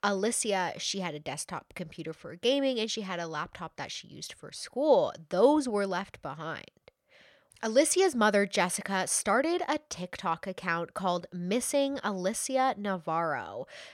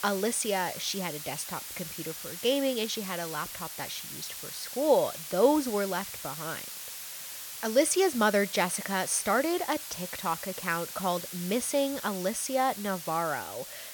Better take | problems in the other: first | hiss; loud; throughout; 8 dB below the speech

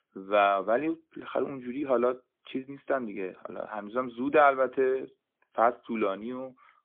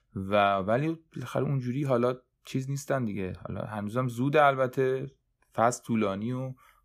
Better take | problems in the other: second | phone-call audio; poor line; nothing above 3.5 kHz

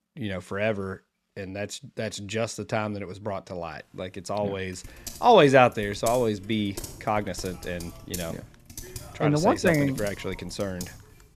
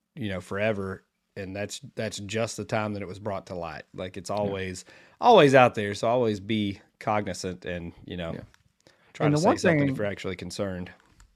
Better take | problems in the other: second | keyboard typing; faint; from 5 s on; peak 10 dB below the speech

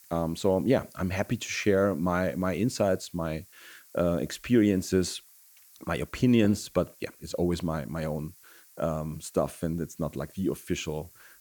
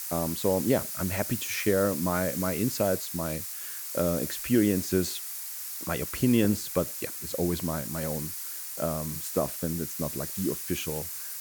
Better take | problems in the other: first | hiss; loud; throughout; 4 dB below the speech; faint in the first

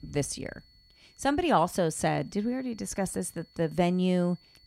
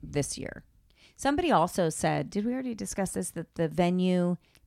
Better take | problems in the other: second | high-pitched whine; faint; throughout; 4.5 kHz, 30 dB below the speech

